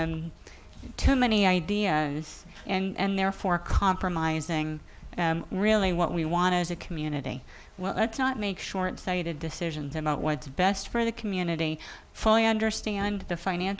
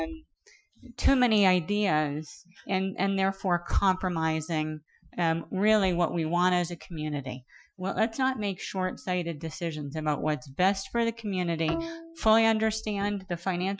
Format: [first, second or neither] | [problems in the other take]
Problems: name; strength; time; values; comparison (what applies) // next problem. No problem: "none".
first | noise reduction (classical method Wiener filter)